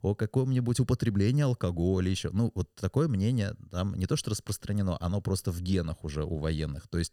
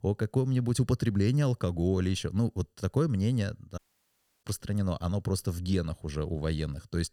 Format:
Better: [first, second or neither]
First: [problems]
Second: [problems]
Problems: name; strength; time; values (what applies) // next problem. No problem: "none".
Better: first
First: none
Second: audio cutting out; at 4 s for 0.5 s